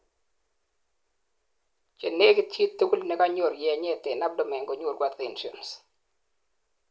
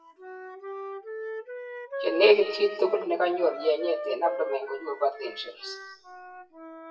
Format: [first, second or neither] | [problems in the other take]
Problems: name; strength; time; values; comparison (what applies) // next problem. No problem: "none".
first | noise reduction (classical method WPE with log-MMSE)